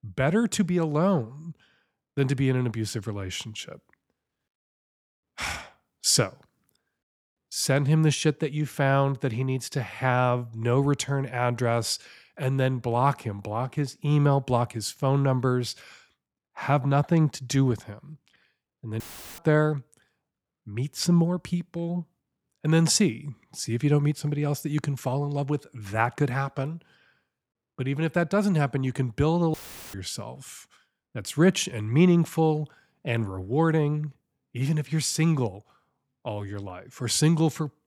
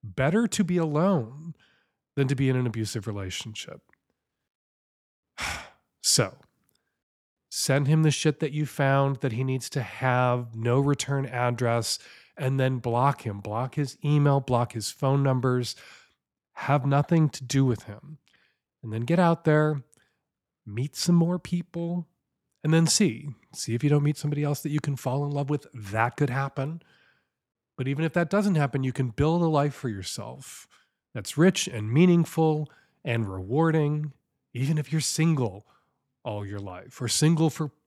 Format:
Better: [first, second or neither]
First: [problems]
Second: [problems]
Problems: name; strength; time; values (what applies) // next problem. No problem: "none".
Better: second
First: audio cutting out; filled with static; at 19 s and at 30 s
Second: none